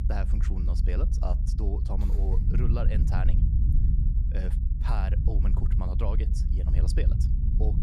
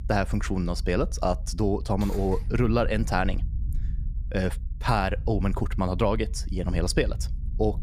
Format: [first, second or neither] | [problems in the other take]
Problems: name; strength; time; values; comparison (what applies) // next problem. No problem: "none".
second | low rumble; loud; throughout; 3 dB below the speech; faint in the second